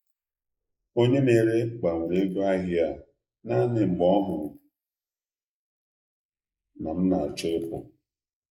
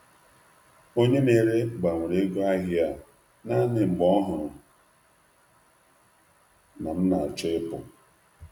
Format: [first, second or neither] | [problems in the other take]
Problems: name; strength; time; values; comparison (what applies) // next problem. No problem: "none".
second | noise reduction (neural mask model Resemble Enhance denoiser)